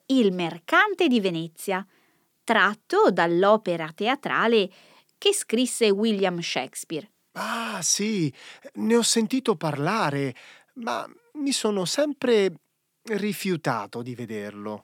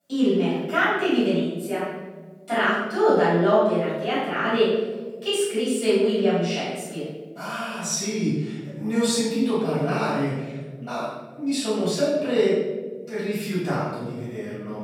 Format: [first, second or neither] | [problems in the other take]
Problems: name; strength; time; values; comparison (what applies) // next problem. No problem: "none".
first | off-mic speech; far // room echo; strong; dies away in 1.6 s